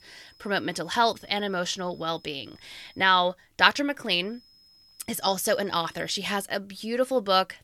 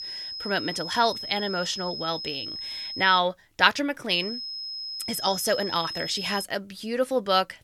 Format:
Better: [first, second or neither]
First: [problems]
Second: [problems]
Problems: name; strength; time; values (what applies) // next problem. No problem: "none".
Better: first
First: high-pitched whine; faint; until 3 s and from 4 to 6.5 s; 5 kHz, 30 dB below the speech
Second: high-pitched whine; loud; until 3 s and from 4 to 6.5 s; 5 kHz, 7 dB below the speech